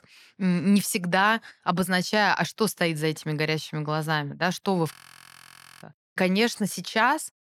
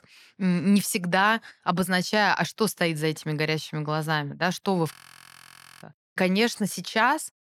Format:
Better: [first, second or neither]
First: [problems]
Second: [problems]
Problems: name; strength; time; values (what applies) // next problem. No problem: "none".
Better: neither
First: audio freezing; at 5 s for 1 s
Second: audio freezing; at 5 s for 1 s